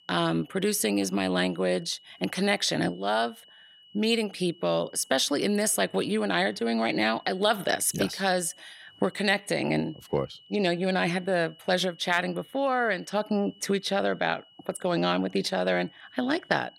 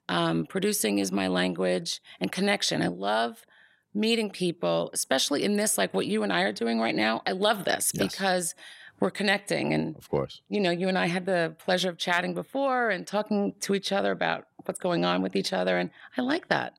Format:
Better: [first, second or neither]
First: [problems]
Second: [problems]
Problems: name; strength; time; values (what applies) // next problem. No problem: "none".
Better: second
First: high-pitched whine; faint; throughout; 3 kHz, 25 dB below the speech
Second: none